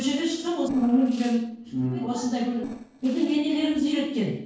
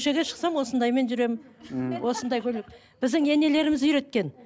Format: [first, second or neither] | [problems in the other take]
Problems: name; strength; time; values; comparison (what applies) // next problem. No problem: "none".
second | noise reduction (neural separator model SepFormer DNS4)